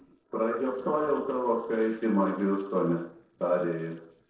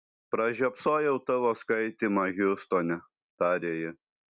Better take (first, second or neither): second